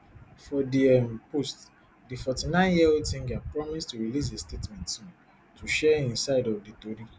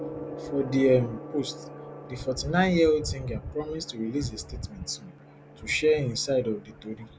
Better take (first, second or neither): first